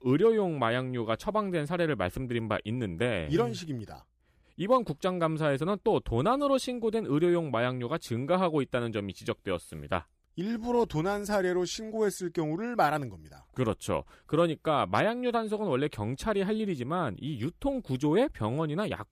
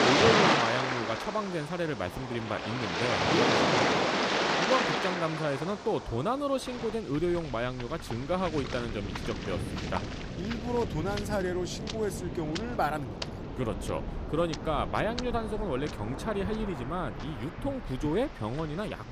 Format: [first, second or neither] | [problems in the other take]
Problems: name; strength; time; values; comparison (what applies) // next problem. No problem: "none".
first | rain or running water; very loud; throughout; 1 dB above the speech